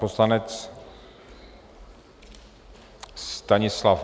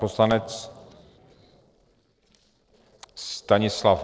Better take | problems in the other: first | noise reduction (neural separator model SepFormer DNS4)

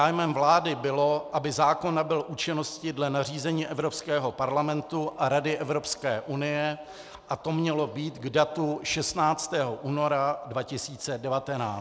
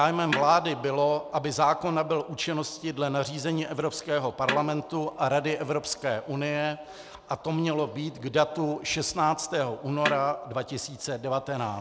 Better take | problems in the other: first | background sound (Snare drum); 11 dB below the speech

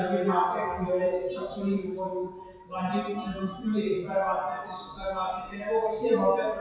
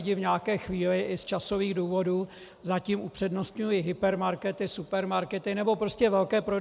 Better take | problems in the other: second | noise reduction (classical method WPE with log-MMSE)

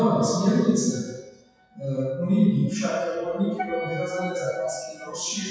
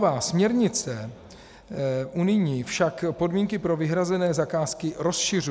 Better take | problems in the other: second | noise reduction (classical method WPE with log-MMSE)

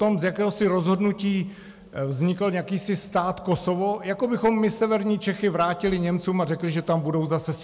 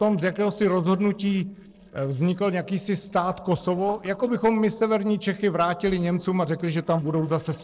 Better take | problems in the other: first | noise reduction (neural separator model SepFormer DNS4)

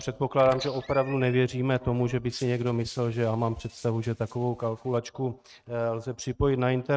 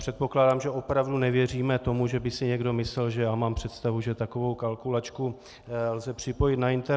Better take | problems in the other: second | noise reduction (neural mask model RNNoise)

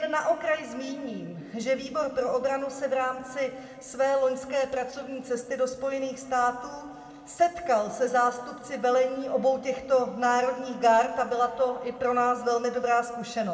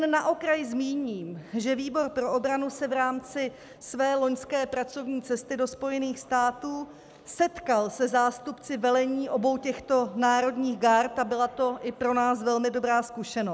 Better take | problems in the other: second | room echo; dies away in 1.6 s

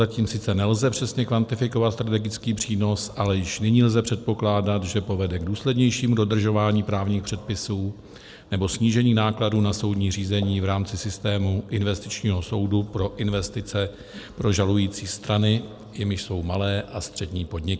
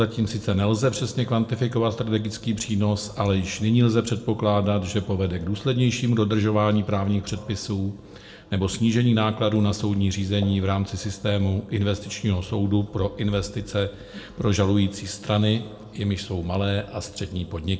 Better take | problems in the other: first | room echo; dies away in 0.5 s

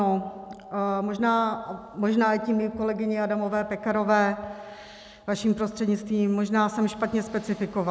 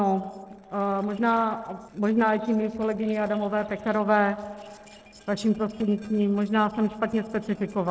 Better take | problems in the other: first | noise reduction (neural separator model SepFormer DNS4)

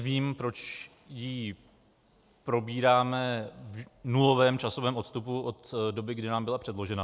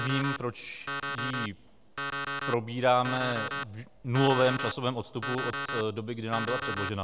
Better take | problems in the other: first | background sound (Alarm); 5 dB below the speech

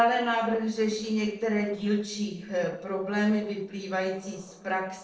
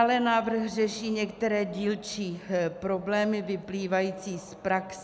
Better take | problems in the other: second | noise reduction (neural separator model SepFormer DNS4)

